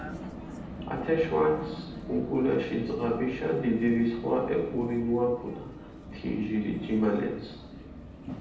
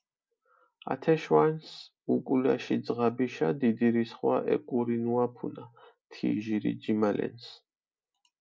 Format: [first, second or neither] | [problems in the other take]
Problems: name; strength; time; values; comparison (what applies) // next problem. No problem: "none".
second | background sound (Vehicle); 11 dB below the speech // room echo; dies away in 0.9 s